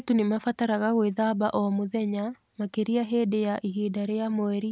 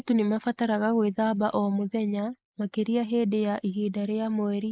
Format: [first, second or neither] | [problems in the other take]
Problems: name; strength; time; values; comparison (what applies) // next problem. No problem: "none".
first | noise reduction (neural mask model Resemble Enhance denoiser)